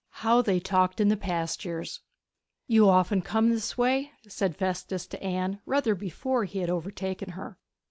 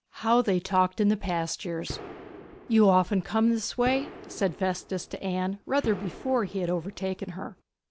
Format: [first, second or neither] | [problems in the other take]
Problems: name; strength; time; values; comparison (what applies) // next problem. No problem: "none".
first | background sound (Gunshot, gunfire); 17 dB below the speech